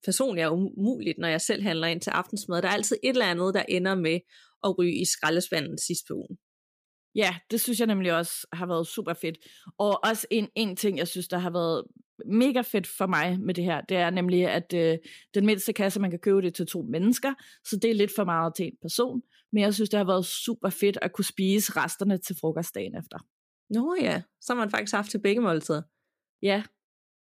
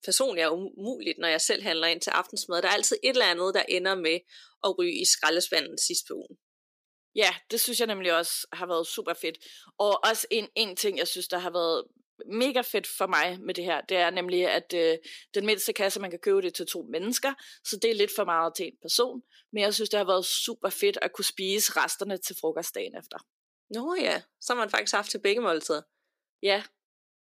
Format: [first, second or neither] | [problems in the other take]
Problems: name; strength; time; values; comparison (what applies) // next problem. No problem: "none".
first | thin; somewhat; fading below 350 Hz